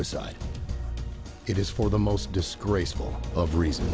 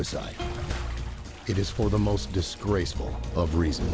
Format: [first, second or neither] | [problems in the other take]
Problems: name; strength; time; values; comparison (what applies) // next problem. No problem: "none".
first | background sound (Bathtub (filling or washing) / Splash, splatter + Plucked string instrument); 17 dB below the speech